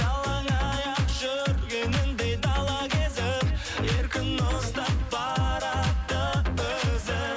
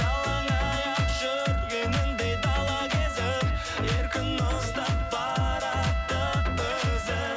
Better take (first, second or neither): first